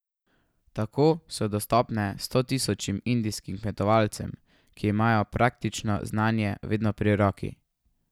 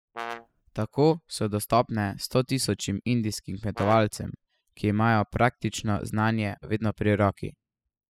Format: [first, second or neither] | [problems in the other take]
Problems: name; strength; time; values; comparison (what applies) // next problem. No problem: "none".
first | noise reduction (classical method spectral subtraction)